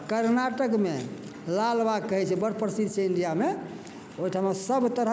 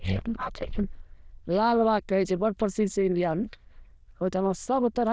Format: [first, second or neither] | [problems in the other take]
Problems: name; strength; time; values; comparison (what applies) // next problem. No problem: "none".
first | noise reduction (neural diffusion model UNIVERSE++)